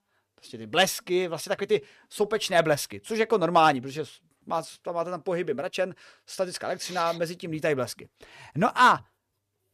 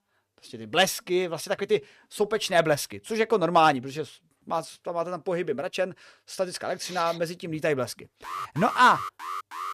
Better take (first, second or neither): first